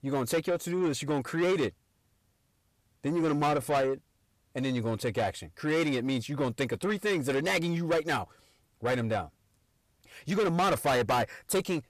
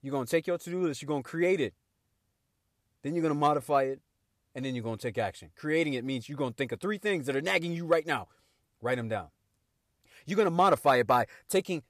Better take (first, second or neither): second